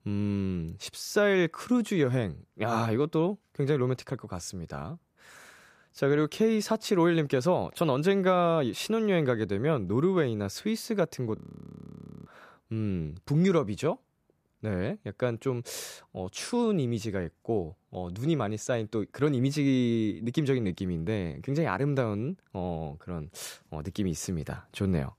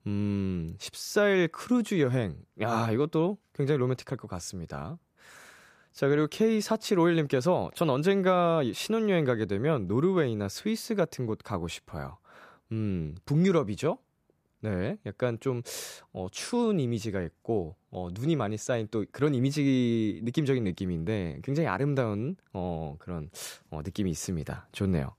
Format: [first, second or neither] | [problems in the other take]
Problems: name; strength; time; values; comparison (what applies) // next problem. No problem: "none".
second | audio freezing; at 11 s for 1 s